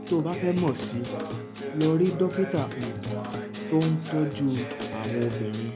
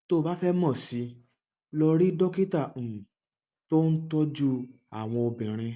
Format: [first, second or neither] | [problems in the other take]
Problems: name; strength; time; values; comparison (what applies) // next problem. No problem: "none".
second | background sound (Acoustic guitar); 6 dB below the speech